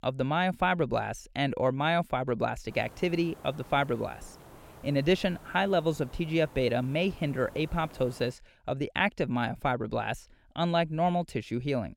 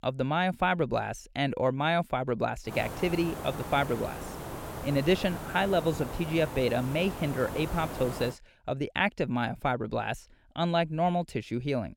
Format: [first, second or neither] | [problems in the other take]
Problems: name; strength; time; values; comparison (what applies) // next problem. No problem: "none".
first | hiss; loud; from 2.5 to 8.5 s; 10 dB below the speech; faint in the first